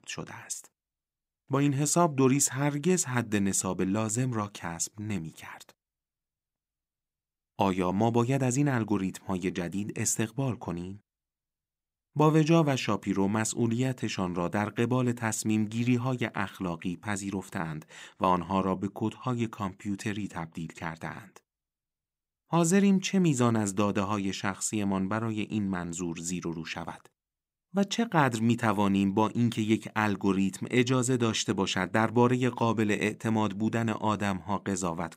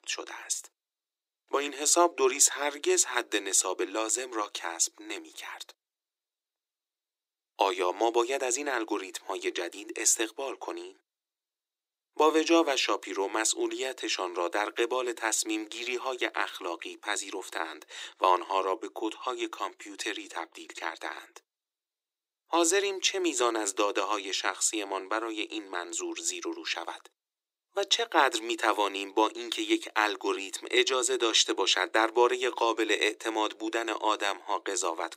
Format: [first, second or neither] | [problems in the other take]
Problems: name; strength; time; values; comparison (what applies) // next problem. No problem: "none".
first | thin; very; fading below 350 Hz